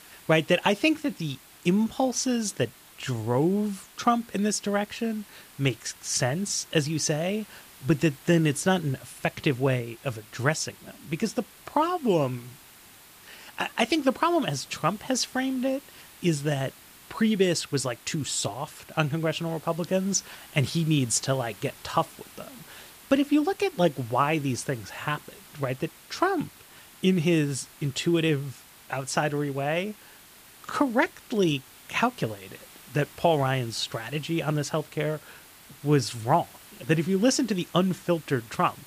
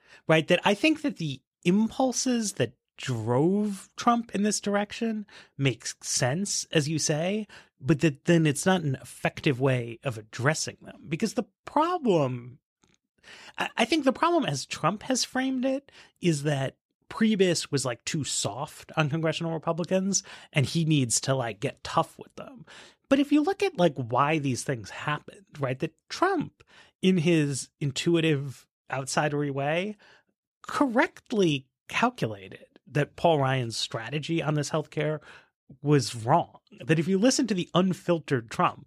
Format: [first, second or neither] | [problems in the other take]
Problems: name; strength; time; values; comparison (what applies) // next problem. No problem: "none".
second | hiss; faint; throughout; 20 dB below the speech